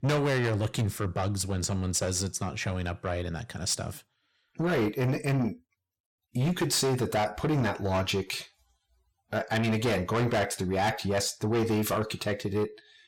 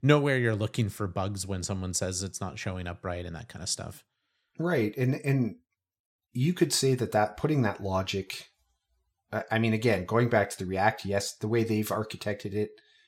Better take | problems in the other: second | distortion; heavy; 6 dB below the speech

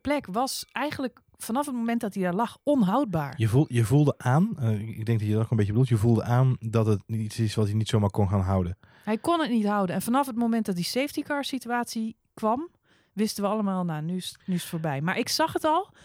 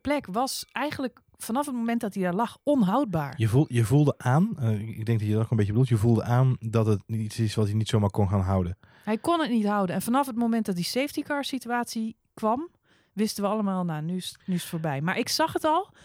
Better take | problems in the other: neither | none

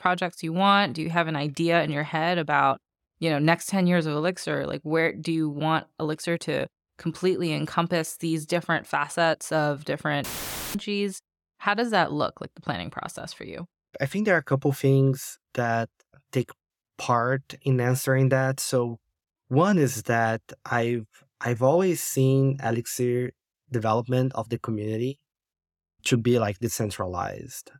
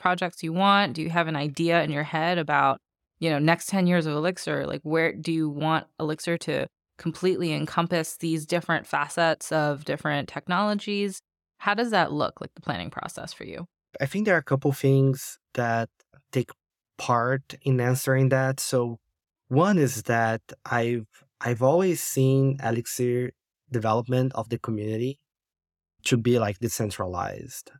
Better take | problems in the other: second | audio cutting out; filled with static; at 10 s for 0.5 s

